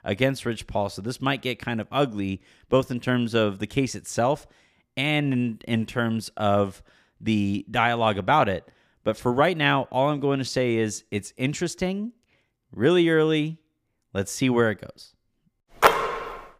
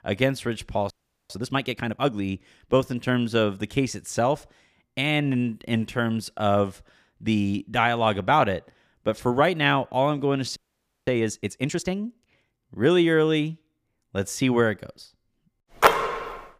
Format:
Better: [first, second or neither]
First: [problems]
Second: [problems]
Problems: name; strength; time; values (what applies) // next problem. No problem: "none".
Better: first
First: none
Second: audio freezing; at 1 s and at 11 s for 0.5 s